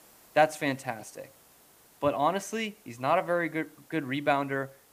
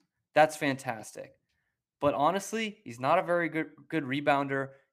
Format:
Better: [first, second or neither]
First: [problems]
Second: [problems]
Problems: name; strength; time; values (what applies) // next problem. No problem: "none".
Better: second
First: hiss; faint; throughout; 25 dB below the speech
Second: none